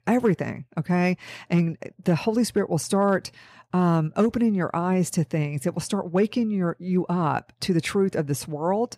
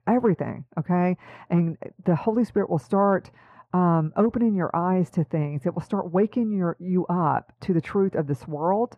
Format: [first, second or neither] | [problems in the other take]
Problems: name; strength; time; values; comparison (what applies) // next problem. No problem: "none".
first | muffled; very; fading above 2.5 kHz